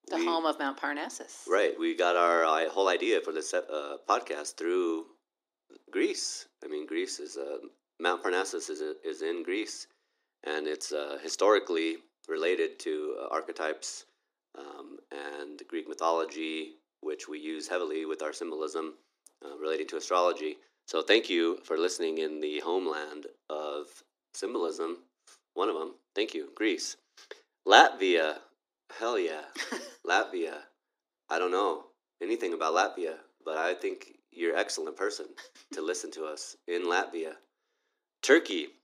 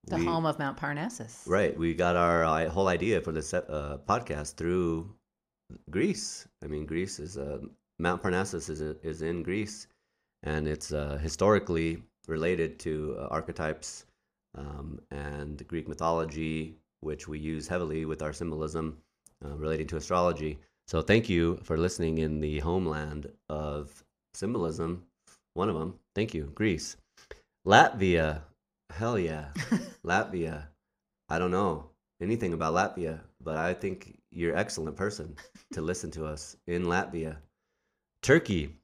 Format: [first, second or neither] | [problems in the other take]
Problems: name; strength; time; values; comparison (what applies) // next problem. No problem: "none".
second | thin; somewhat; fading below 250 Hz